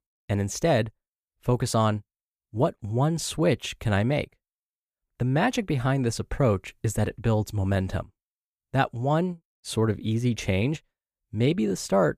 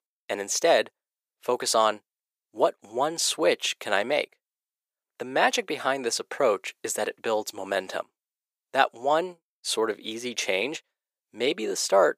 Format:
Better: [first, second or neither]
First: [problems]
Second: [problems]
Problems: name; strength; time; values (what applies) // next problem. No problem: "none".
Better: first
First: none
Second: thin; very; fading below 450 Hz